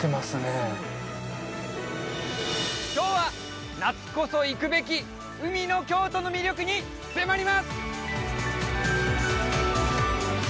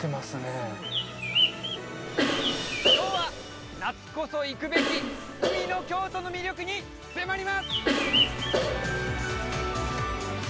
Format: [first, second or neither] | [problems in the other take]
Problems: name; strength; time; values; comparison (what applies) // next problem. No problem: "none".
first | background sound (Cough + Bird); 3 dB above the speech